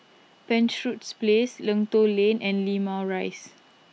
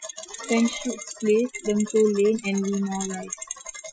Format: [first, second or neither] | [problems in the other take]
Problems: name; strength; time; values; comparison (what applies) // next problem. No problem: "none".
first | noise reduction (classical method Wiener filter)